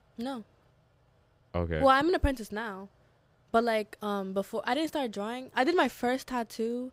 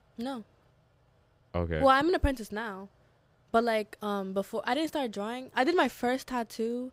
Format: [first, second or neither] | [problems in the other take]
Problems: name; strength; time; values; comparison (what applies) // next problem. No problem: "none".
neither | none